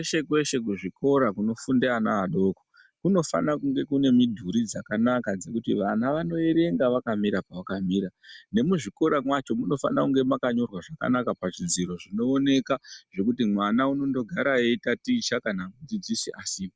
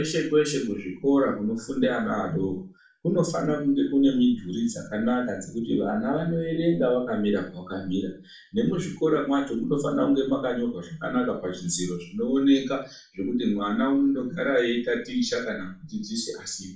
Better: first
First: none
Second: room echo; dies away in 0.4 s

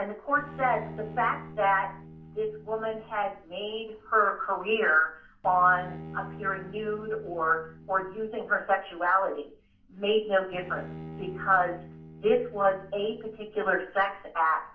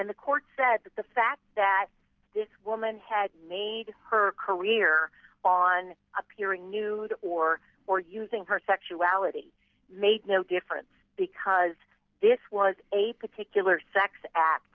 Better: second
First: background sound (Bowed string instrument); 17 dB below the speech // room echo; dies away in 0.3 s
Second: none

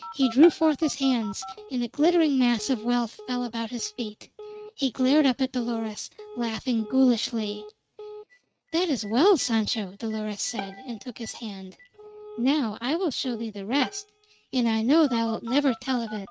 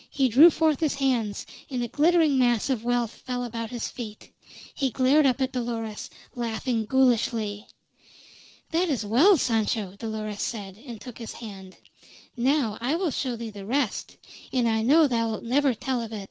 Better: second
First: noise reduction (neural mask model RNNoise)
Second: none

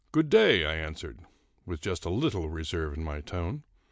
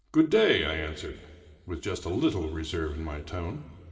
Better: first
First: none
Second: room echo; dies away in 2.1 s

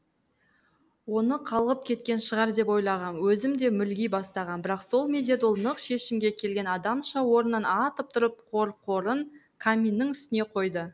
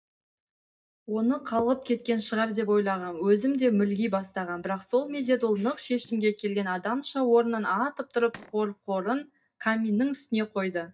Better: first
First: none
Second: noise reduction (neural mask model DeepFilterNet 3)

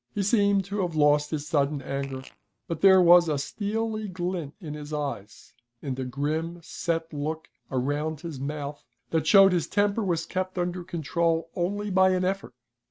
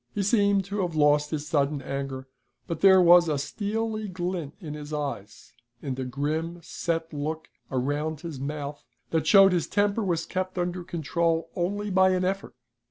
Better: second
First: noise reduction (neural mask model RNNoise)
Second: none

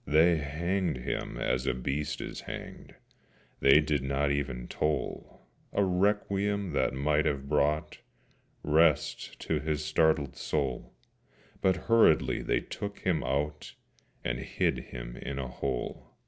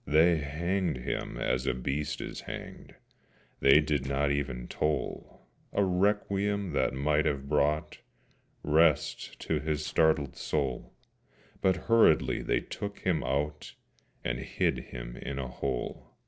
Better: first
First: none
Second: noise reduction (neural separator model SepFormer DNS4)

